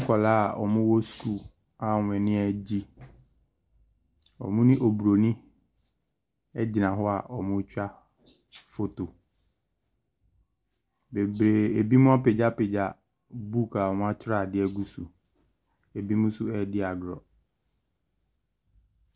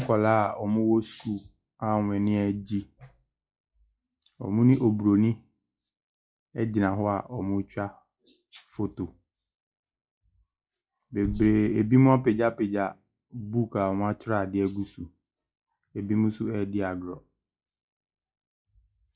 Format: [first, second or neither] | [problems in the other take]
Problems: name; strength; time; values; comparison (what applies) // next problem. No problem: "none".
first | noise reduction (classical method log-MMSE)